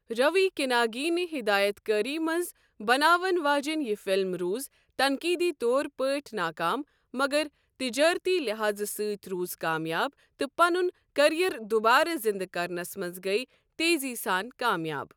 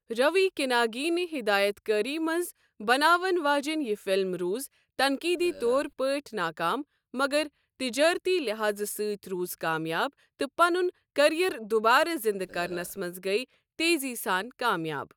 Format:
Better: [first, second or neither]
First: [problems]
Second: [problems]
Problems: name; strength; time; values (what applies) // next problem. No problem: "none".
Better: first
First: none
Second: noise reduction (neural mask model DeepFilterNet 3)